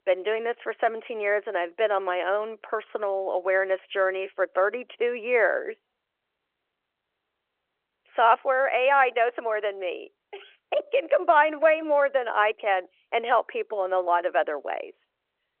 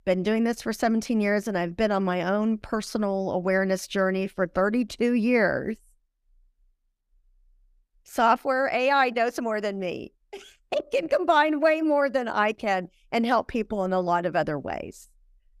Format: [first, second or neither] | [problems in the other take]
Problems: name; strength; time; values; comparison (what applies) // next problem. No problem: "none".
second | phone-call audio